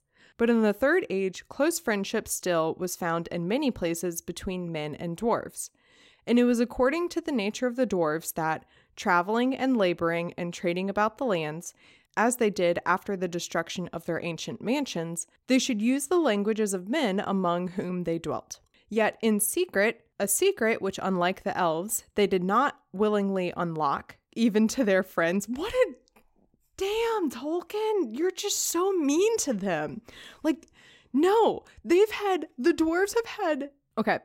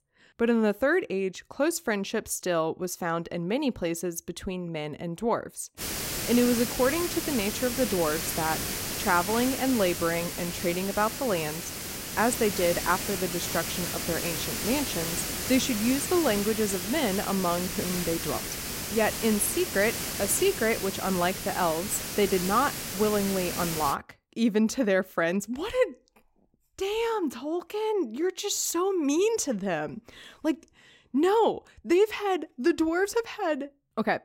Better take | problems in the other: first | hiss; loud; from 6 to 24 s; 4 dB below the speech

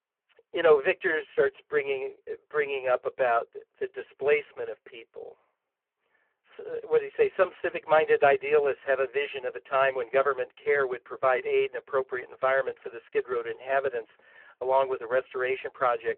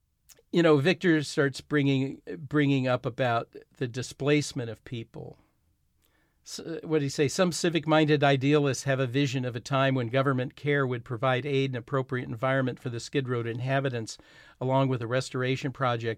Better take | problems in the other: second | phone-call audio; poor line

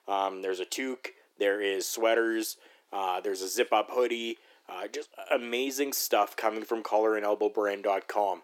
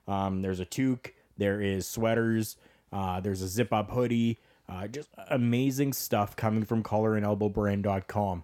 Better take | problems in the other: second | thin; very; fading below 350 Hz

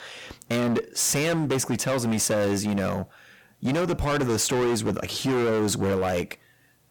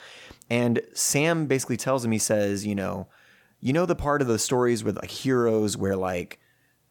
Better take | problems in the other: second | distortion; heavy; 23% of the sound clipped

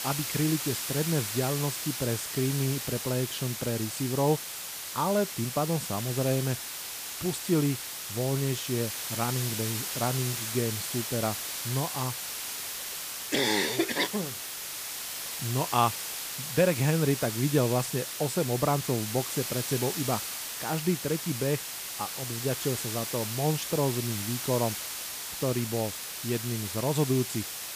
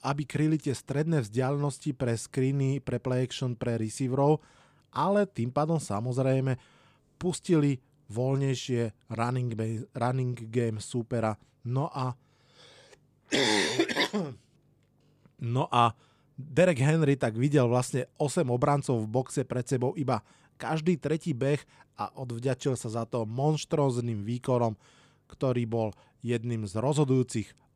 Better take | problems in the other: second | hiss; loud; throughout; 3 dB below the speech

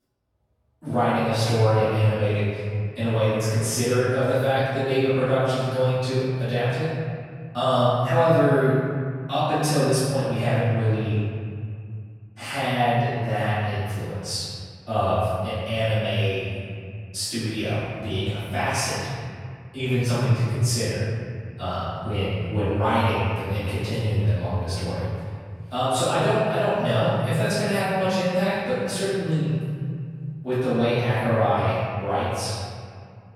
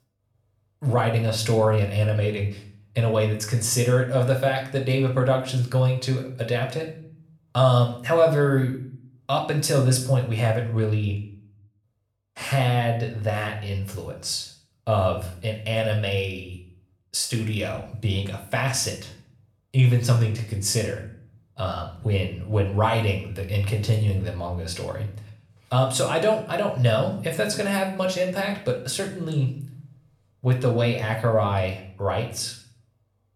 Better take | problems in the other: second | room echo; strong; dies away in 2.2 s; slight in the second // off-mic speech; far; somewhat distant in the second

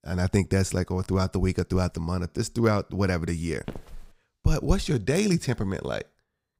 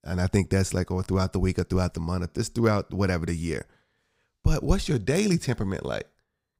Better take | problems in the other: second | footsteps; faint; at 3.5 s; peak 15 dB below the speech

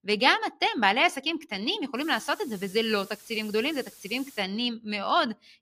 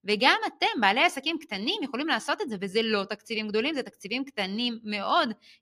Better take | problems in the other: second | hiss; faint; from 2 to 4.5 s; 20 dB below the speech

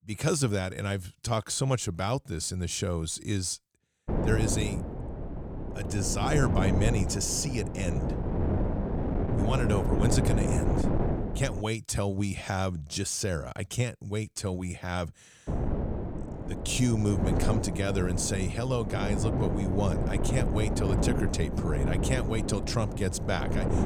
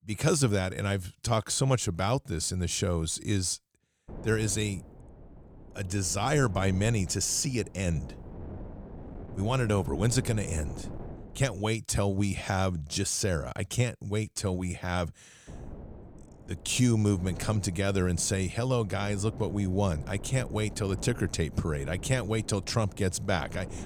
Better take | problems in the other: second | wind noise on the microphone; heavy; from 4 to 12 s and from 15 s on; 3 dB below the speech; occasional gusts in the second

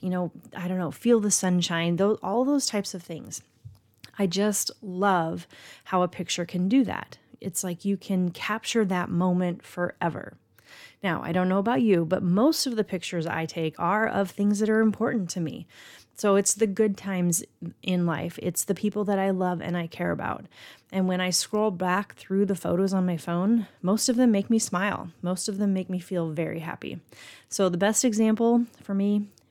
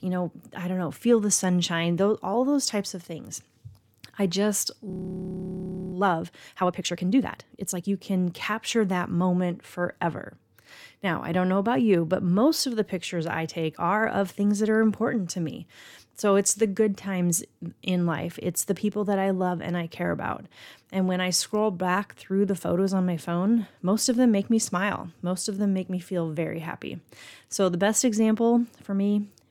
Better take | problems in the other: first | audio freezing; at 5 s for 1 s

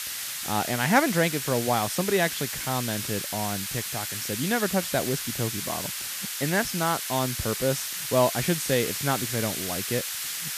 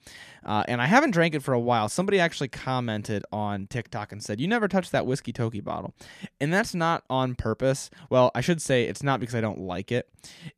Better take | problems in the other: second | hiss; loud; throughout; 2 dB below the speech

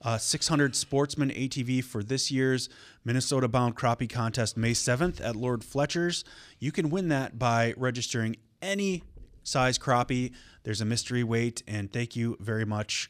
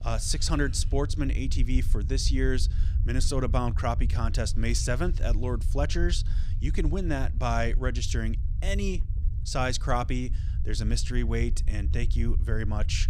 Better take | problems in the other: first | low rumble; noticeable; throughout; 15 dB below the speech

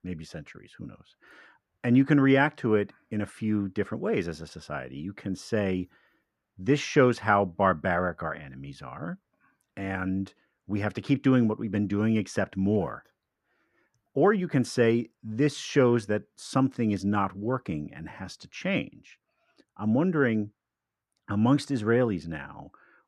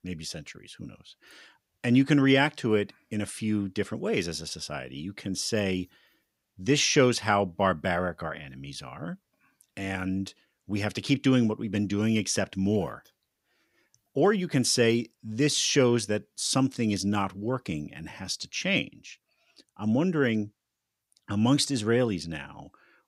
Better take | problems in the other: second | muffled; slightly; fading above 2.5 kHz

